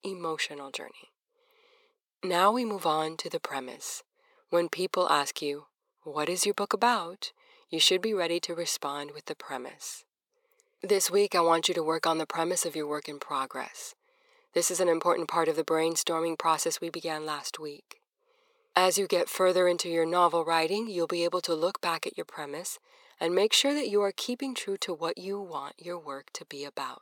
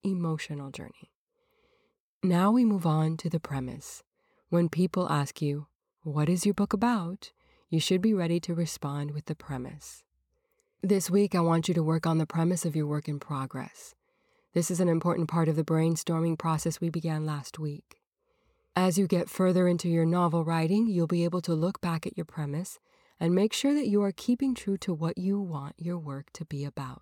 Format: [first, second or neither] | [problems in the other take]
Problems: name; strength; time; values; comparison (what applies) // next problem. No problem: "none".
second | thin; very; fading below 450 Hz